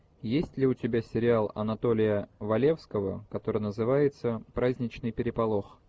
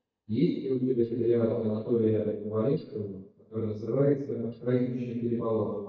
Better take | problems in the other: first | noise reduction (neural mask model DeepFilterNet 3)

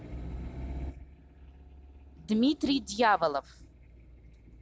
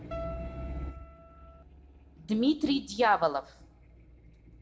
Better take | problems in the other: first | noise reduction (neural separator model SepFormer DNS4)

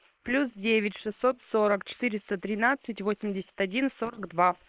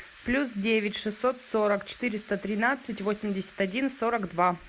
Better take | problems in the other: second | noise reduction (neural separator model SepFormer WHAM!)

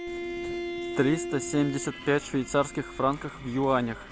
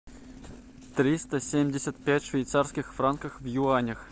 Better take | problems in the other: second | background sound (Bowed string instrument); 9 dB below the speech

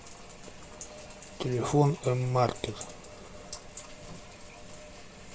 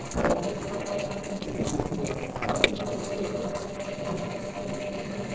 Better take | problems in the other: first | noise reduction (neural separator model SepFormer DNS4)

